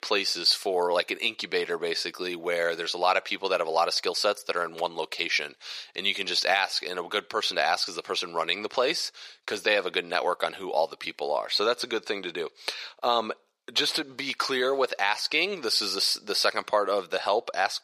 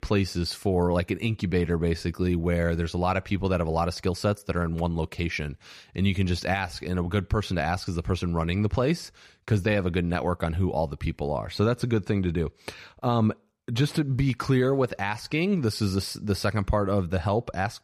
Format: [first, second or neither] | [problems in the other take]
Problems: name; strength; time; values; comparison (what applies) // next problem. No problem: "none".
second | thin; very; fading below 450 Hz